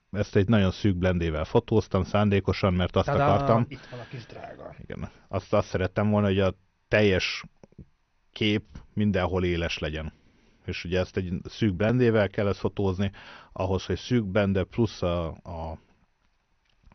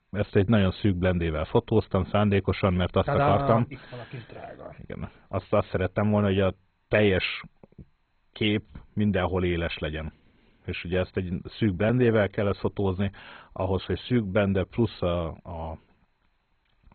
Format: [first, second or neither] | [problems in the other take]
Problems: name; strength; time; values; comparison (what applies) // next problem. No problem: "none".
first | garbled, watery; badly; nothing above 3.5 kHz; slightly in the first